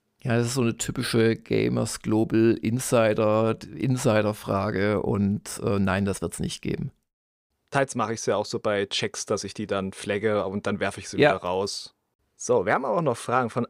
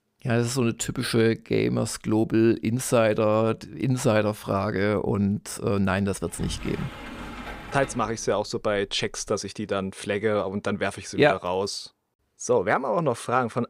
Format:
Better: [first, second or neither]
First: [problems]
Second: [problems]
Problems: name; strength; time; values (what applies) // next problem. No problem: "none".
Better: first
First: none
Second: door banging; faint; from 6 to 9.5 s; peak 10 dB below the speech